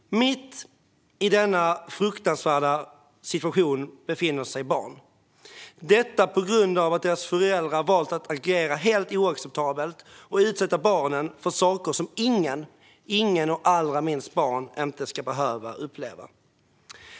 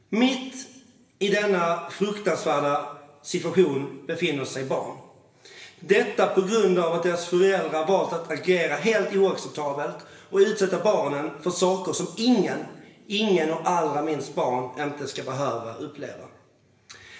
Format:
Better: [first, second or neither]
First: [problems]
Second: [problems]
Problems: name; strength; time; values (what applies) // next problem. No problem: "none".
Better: first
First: none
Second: room echo; dies away in 1.1 s